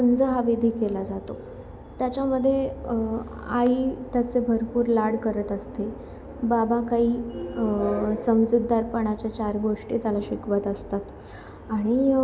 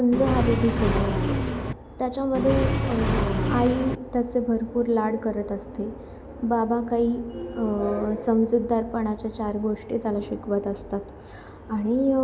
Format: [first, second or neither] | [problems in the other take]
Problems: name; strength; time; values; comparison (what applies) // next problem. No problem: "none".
first | background sound (Accelerating, revving, vroom); 1 dB above the speech